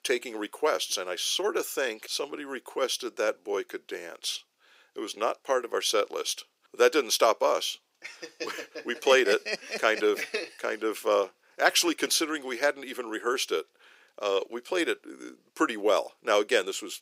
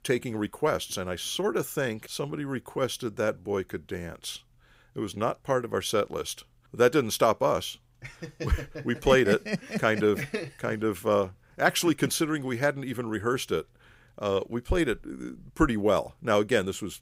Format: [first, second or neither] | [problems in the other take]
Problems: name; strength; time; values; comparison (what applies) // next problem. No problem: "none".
second | thin; somewhat; fading below 350 Hz